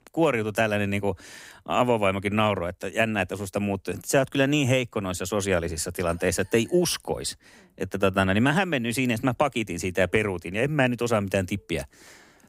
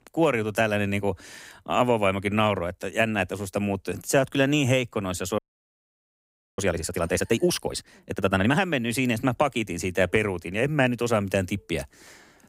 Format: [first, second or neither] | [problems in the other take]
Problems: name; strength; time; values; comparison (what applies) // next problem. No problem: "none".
first | audio freezing; at 5.5 s for 1 s